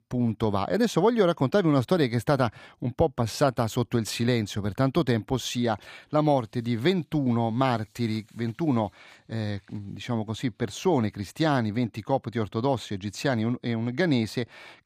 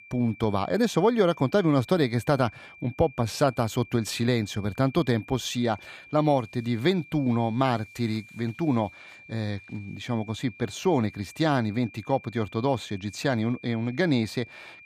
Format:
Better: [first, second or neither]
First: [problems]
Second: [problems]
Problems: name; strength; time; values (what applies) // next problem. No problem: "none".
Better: first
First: none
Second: high-pitched whine; faint; throughout; 2.5 kHz, 20 dB below the speech